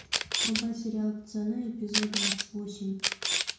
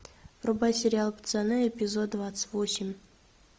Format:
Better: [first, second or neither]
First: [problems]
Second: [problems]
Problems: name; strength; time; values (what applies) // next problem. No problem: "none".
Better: second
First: background sound (Camera); 1 dB above the speech // room echo; dies away in 0.6 s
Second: none